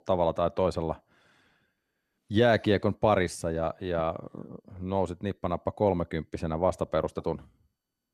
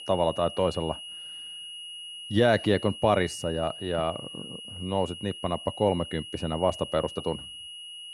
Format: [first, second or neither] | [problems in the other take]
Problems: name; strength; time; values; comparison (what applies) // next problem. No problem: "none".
first | high-pitched whine; noticeable; throughout; 3 kHz, 10 dB below the speech